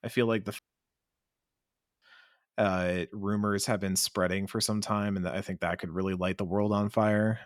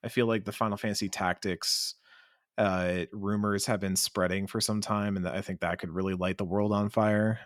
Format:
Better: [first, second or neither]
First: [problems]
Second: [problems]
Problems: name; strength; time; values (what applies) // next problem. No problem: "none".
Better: second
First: audio cutting out; at 0.5 s for 1.5 s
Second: none